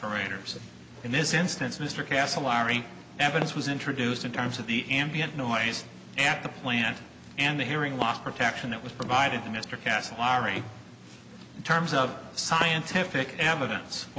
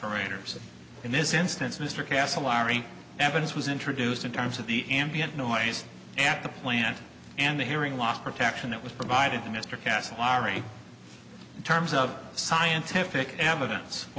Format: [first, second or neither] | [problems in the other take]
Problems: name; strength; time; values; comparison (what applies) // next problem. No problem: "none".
second | background sound (Fireworks); 19 dB below the speech